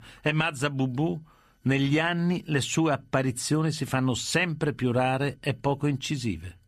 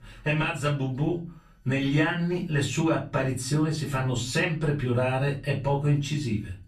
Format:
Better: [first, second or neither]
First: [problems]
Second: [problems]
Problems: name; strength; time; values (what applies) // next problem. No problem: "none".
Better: first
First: none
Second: off-mic speech; far // room echo; slight; dies away in 0.3 s